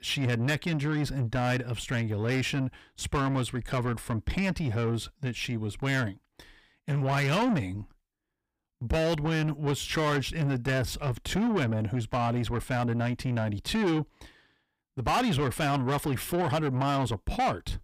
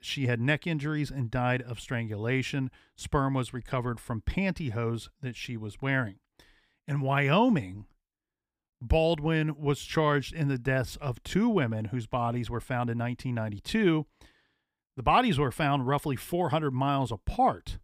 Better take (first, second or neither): second